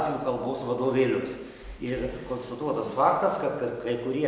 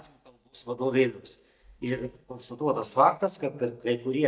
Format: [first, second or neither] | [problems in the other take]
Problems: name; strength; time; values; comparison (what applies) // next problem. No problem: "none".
first | noise reduction (neural mask model DeepFilterNet 3)